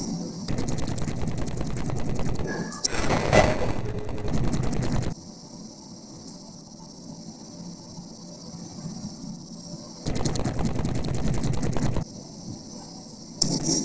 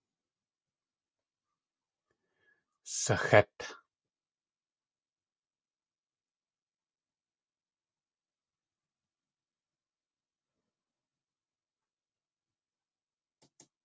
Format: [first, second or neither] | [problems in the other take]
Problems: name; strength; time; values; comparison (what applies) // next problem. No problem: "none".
second | noise reduction (neural separator model SepFormer DNS4)